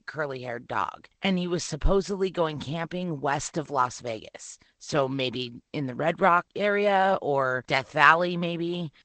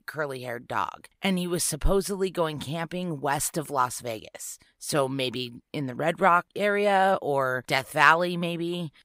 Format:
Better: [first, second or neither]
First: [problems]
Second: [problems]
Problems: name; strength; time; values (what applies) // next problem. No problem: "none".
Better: second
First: garbled, watery; slightly; nothing above 8 kHz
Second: none